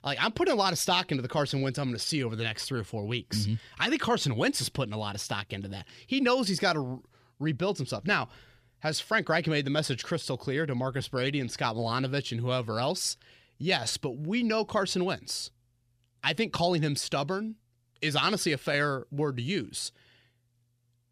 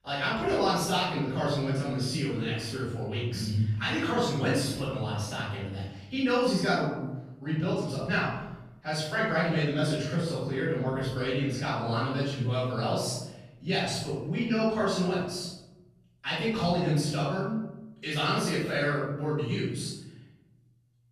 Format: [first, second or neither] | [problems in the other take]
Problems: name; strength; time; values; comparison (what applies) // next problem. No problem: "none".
first | off-mic speech; far // room echo; strong; dies away in 1 s